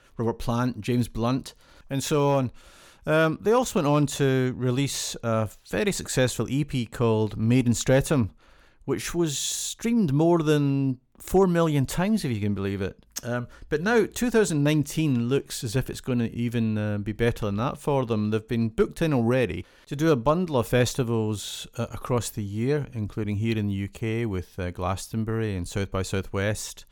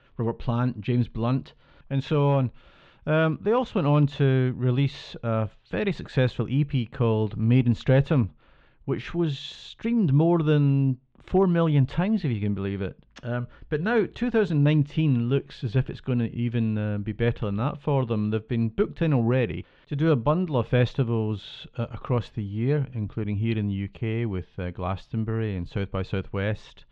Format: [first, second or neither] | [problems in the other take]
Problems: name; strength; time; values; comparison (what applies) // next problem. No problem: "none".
first | muffled; very; fading above 3.5 kHz